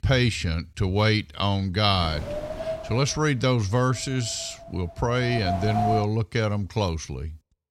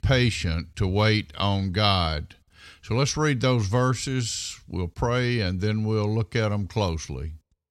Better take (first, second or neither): second